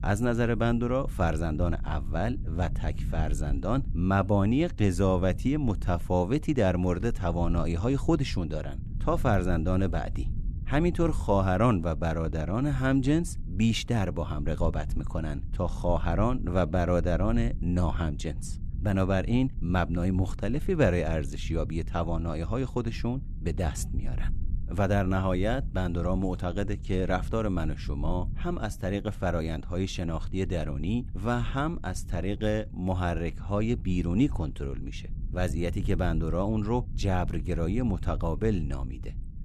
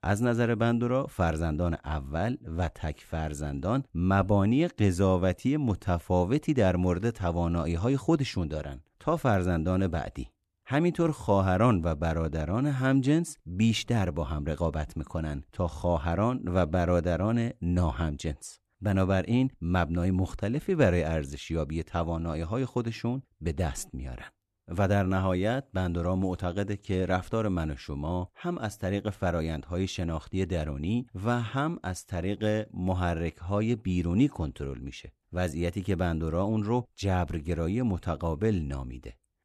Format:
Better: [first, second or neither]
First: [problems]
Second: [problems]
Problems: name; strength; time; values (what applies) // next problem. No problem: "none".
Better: second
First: low rumble; faint; throughout; 20 dB below the speech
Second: none